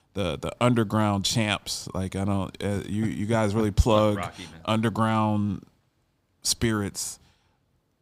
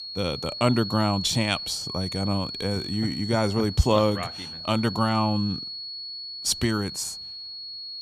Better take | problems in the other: first | high-pitched whine; loud; throughout; 4.5 kHz, 7 dB below the speech

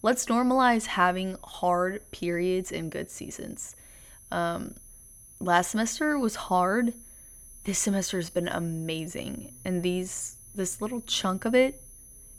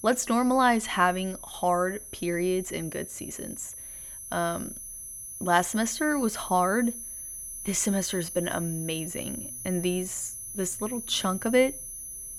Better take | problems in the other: first | high-pitched whine; loud; throughout; 10.5 kHz, 9 dB below the speech; faint in the first

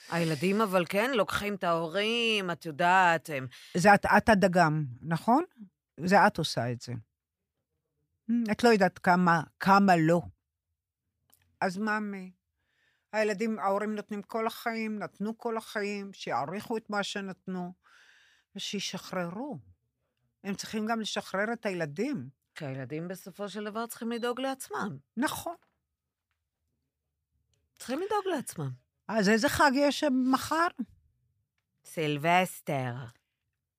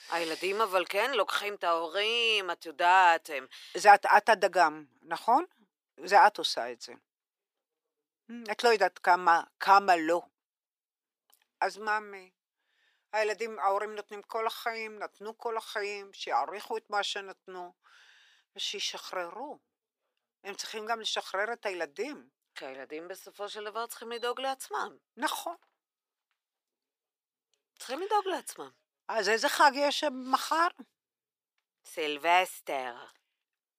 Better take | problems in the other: first | thin; very; fading below 350 Hz

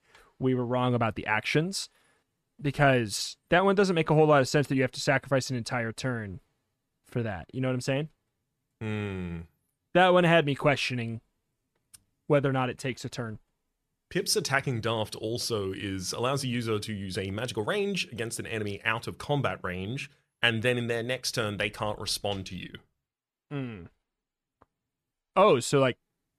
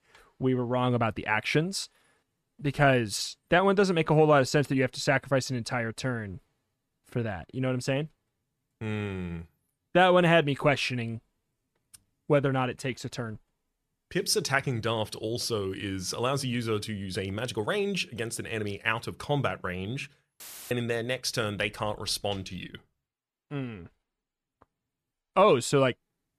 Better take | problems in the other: first | audio cutting out; filled with static; at 20 s

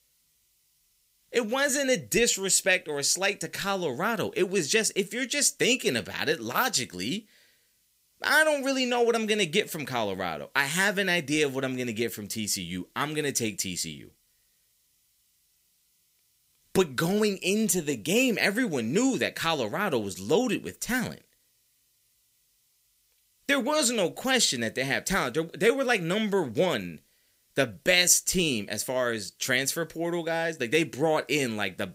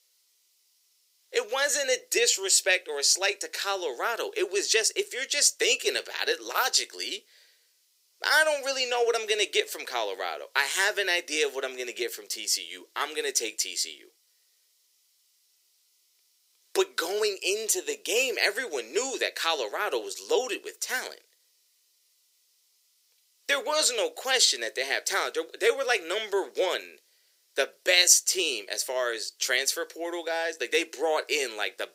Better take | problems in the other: first | thin; very; fading below 400 Hz

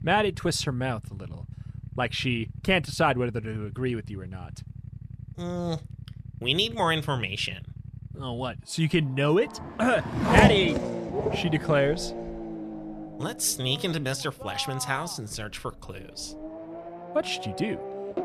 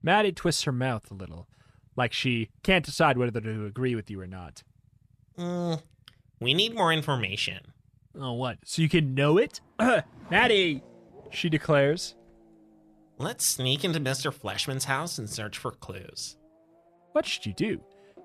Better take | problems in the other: second | traffic noise; loud; throughout; 6 dB below the speech; faint in the second

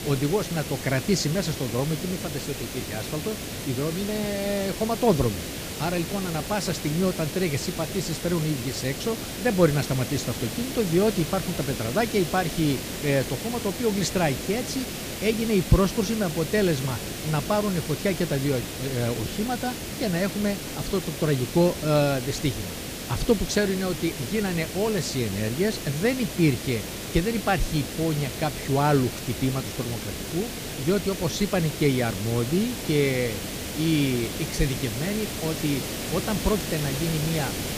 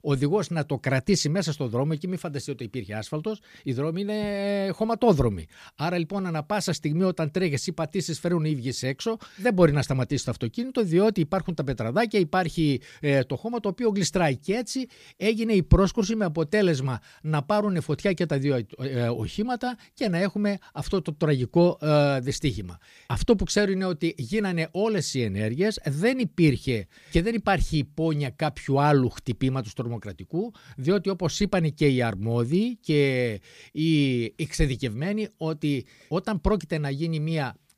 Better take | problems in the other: second | hiss; loud; throughout; 6 dB below the speech

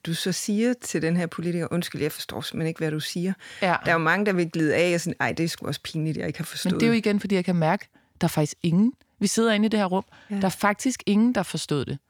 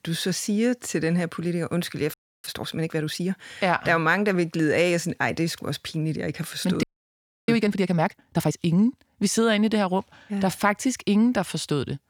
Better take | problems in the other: first | audio freezing; at 2 s and at 7 s for 0.5 s

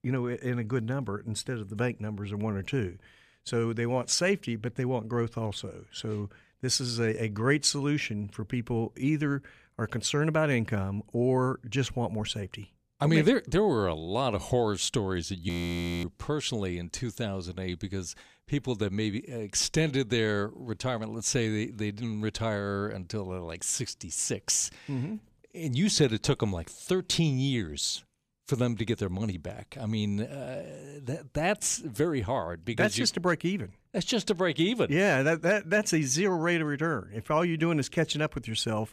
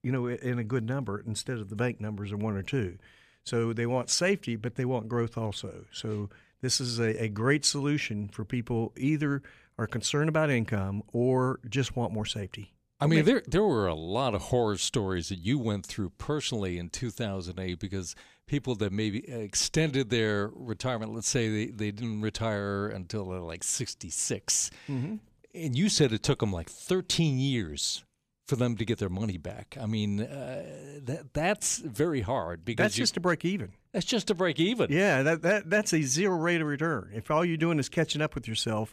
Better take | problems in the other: second | audio freezing; at 15 s for 0.5 s

